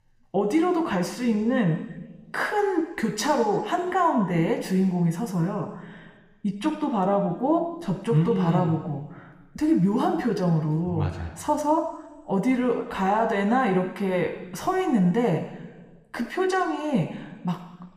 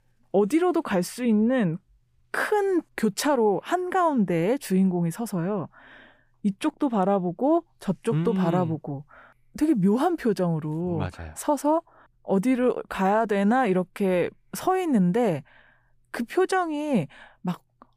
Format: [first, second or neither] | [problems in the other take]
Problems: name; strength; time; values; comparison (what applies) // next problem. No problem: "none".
second | room echo; slight; dies away in 1.1 s // off-mic speech; somewhat distant